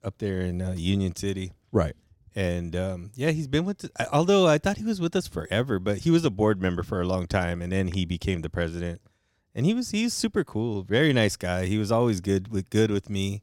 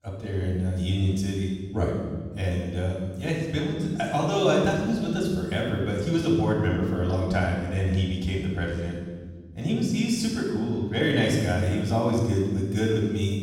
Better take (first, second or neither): first